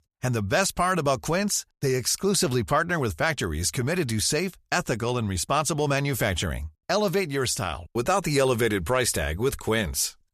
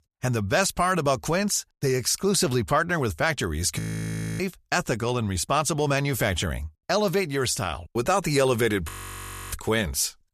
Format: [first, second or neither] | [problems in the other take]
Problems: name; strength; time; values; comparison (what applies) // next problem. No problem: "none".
first | audio freezing; at 4 s for 0.5 s and at 9 s for 0.5 s